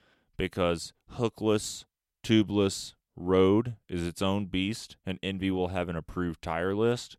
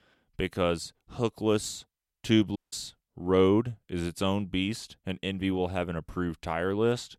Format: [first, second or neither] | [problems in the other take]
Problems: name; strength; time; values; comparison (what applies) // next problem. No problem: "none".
first | audio cutting out; at 2.5 s